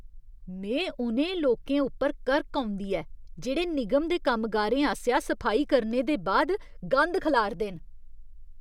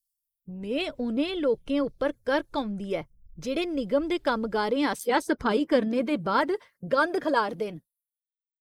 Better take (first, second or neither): first